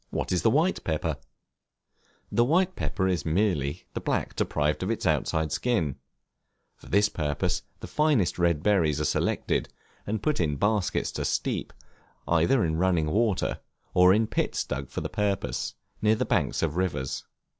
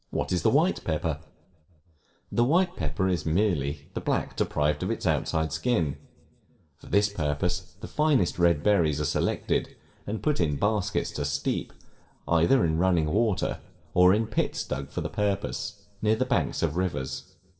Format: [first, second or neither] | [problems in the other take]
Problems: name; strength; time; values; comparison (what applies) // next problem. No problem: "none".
first | room echo; dies away in 0.7 s